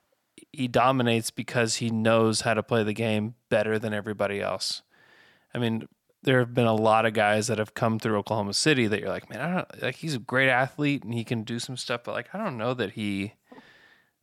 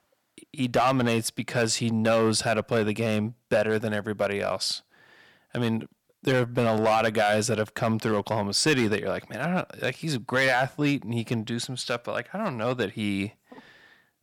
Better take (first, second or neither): first